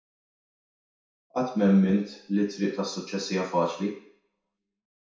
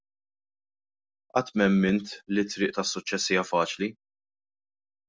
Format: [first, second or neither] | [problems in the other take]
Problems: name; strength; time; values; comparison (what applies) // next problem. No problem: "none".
second | room echo; dies away in 0.6 s